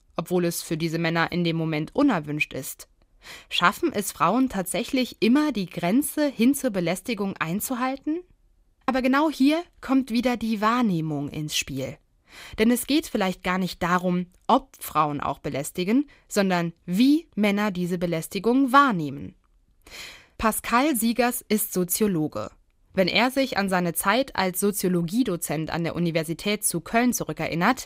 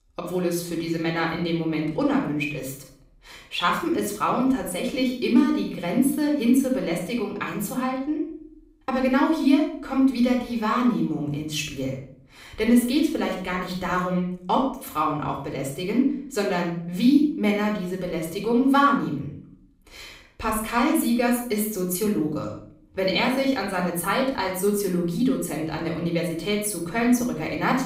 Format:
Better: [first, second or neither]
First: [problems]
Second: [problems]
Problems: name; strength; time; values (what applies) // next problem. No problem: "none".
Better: first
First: none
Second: off-mic speech; somewhat distant // room echo; noticeable; dies away in 0.5 s